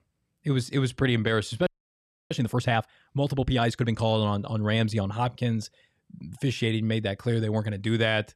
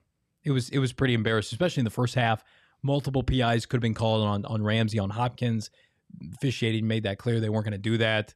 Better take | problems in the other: second | audio freezing; at 1.5 s for 0.5 s

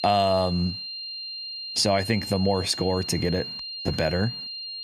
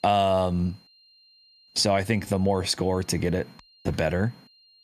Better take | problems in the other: second | high-pitched whine; loud; throughout; 4 kHz, 7 dB below the speech; faint in the second

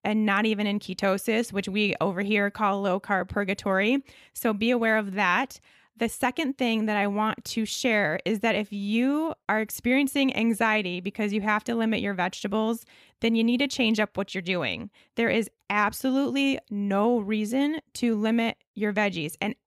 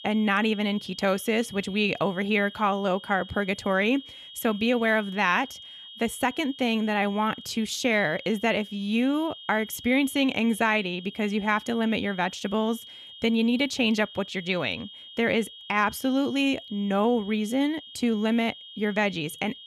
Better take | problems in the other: first | high-pitched whine; noticeable; throughout; 3.5 kHz, 15 dB below the speech

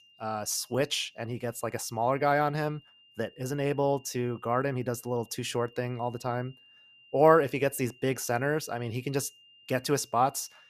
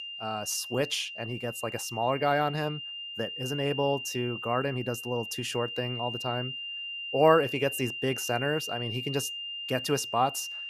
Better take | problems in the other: first | high-pitched whine; loud; throughout; 3 kHz, 6 dB below the speech; faint in the first

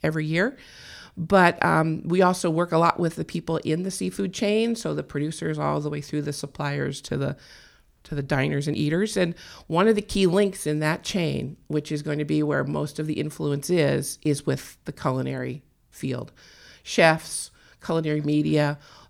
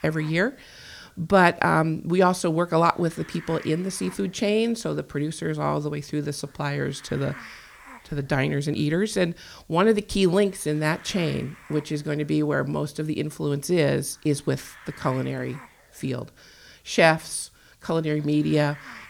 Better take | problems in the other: first | hiss; faint; throughout; 20 dB below the speech

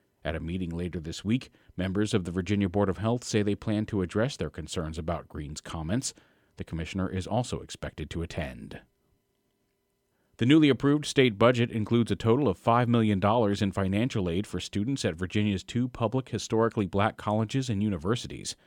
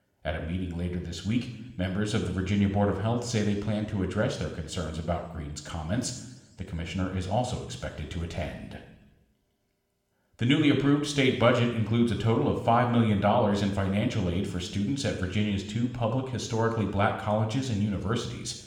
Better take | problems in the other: first | room echo; slight; dies away in 0.9 s

